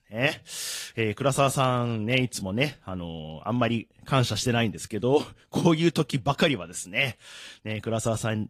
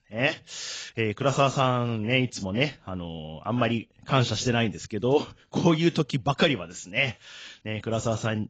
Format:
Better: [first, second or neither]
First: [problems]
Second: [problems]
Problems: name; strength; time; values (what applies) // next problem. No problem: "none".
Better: first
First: garbled, watery; slightly; nothing above 15 kHz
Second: garbled, watery; badly; nothing above 7.5 kHz